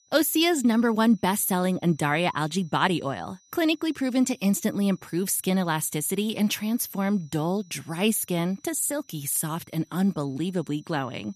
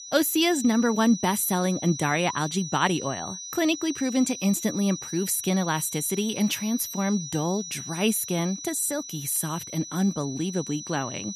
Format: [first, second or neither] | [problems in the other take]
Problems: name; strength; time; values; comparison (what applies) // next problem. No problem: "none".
first | high-pitched whine; loud; throughout; 6 kHz, 10 dB below the speech; faint in the first